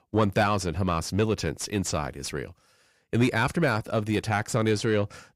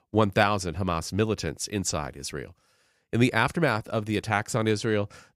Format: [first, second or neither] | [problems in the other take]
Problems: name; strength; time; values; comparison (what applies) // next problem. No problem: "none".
second | distortion; slight; 10 dB below the speech